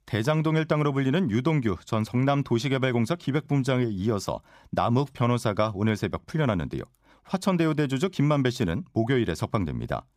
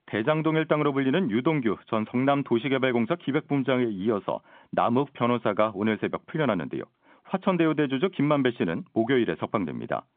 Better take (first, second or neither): first